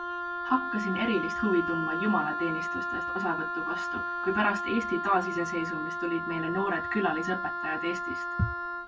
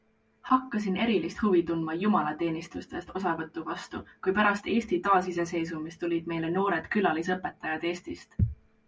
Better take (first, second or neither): second